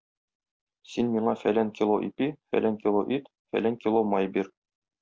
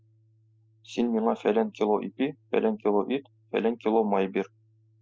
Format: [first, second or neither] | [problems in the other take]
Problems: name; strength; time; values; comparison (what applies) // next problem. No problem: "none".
first | noise reduction (classical method spectral subtraction)